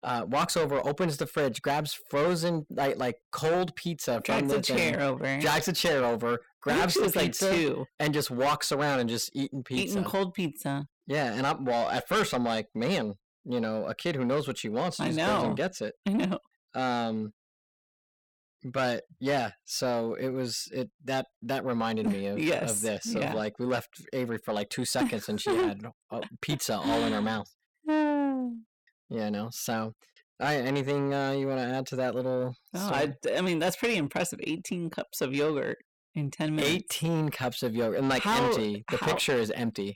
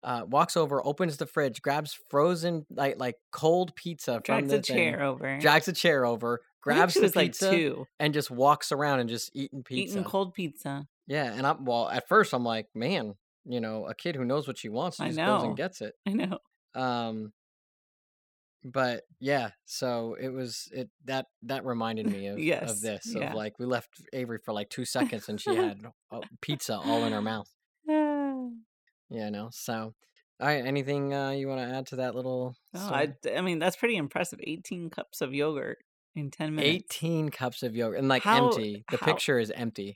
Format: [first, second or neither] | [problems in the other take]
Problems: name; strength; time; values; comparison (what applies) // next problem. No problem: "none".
second | distortion; heavy; 7 dB below the speech